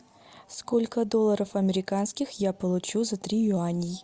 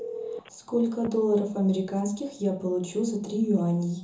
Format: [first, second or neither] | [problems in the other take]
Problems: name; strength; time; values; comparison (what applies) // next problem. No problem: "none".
first | background sound (Telephone); 17 dB below the speech // room echo; dies away in 0.6 s